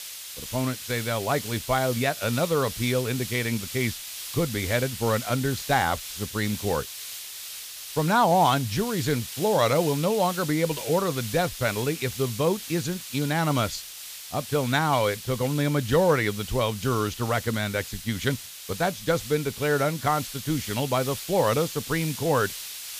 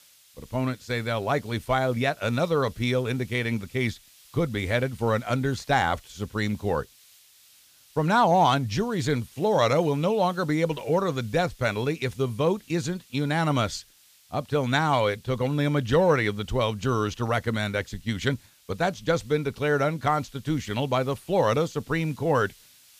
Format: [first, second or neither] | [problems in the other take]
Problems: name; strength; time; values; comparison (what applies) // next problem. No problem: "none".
second | hiss; loud; throughout; 9 dB below the speech; faint in the second